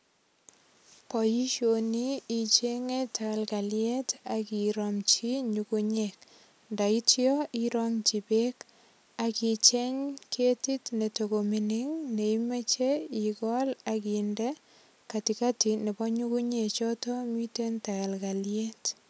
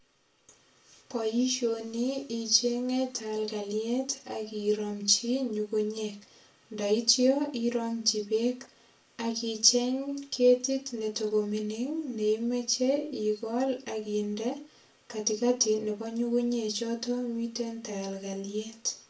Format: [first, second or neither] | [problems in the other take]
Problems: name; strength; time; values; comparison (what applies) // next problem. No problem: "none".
first | room echo; dies away in 0.3 s